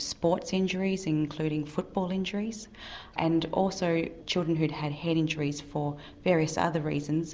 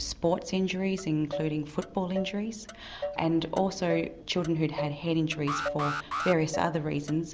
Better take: first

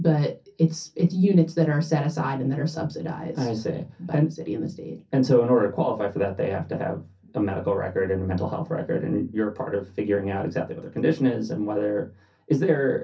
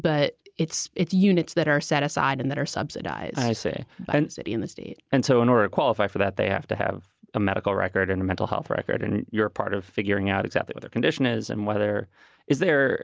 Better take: second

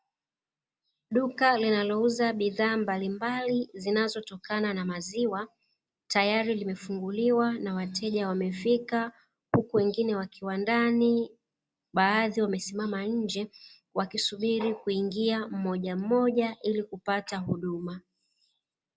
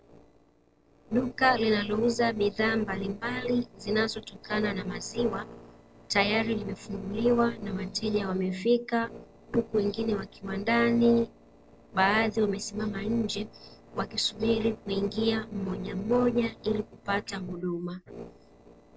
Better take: first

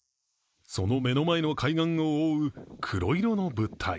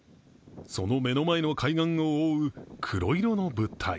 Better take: second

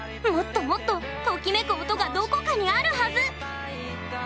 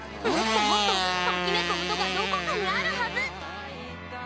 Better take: first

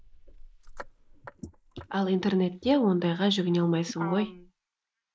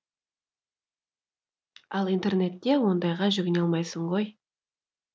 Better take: second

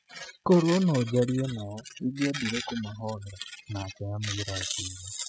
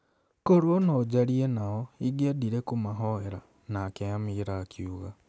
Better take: second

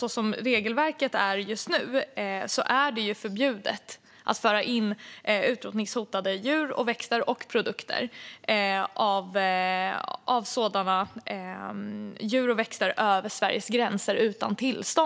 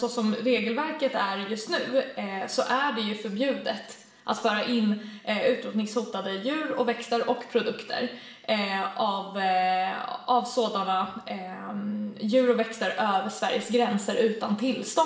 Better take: first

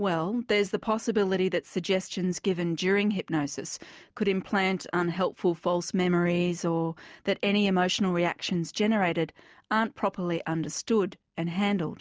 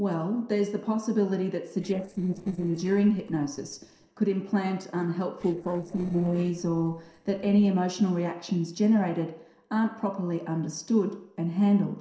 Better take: first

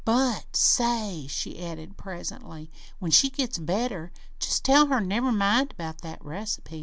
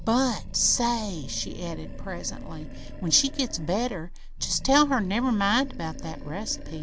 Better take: first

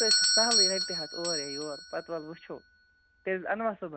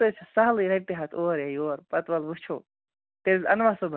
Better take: second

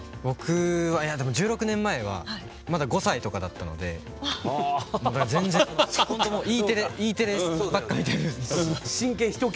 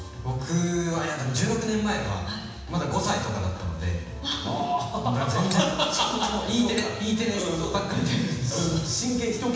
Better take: first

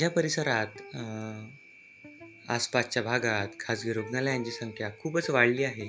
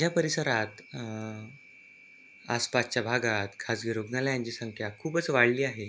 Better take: second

